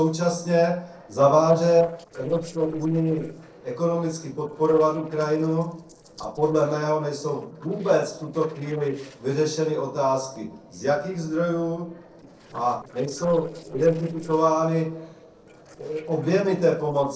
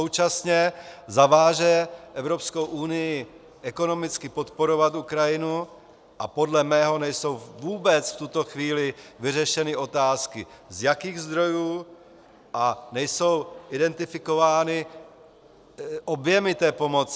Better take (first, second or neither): second